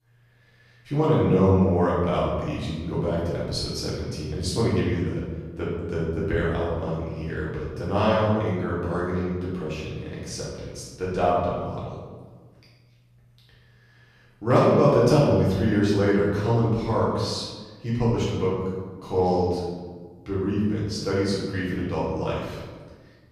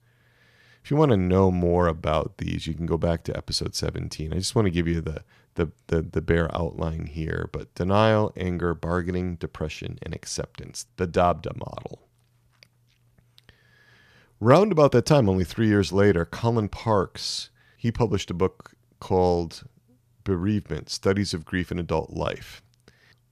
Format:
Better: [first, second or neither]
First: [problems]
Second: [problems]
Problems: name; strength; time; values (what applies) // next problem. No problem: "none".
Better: second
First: off-mic speech; far // room echo; noticeable; dies away in 1.2 s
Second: none